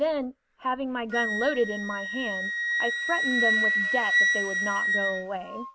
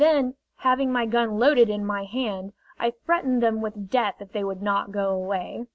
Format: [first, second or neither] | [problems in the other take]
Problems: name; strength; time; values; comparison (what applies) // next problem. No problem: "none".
second | background sound (Wind instrument, woodwind instrument); 3 dB above the speech